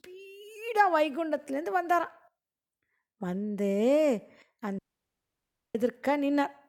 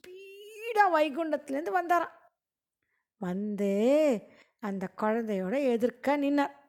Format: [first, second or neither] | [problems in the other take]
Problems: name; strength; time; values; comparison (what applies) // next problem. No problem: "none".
second | audio cutting out; at 5 s for 1 s